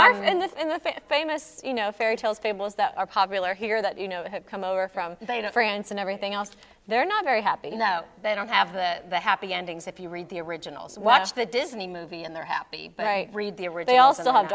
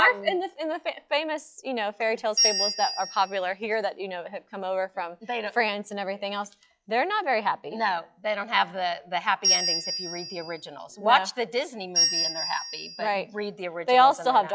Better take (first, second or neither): first